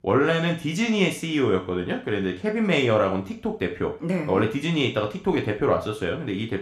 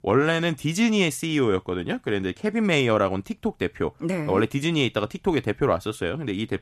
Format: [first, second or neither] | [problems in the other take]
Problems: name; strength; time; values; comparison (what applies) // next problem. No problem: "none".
second | room echo; very slight; dies away in 0.4 s